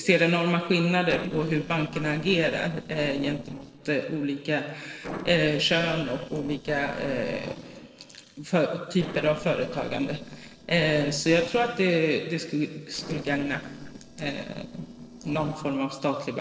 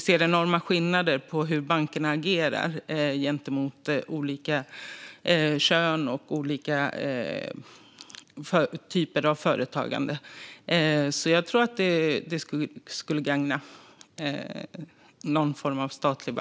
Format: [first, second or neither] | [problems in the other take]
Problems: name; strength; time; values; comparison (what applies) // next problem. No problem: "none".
second | noise reduction (neural separator model SepFormer DNS4)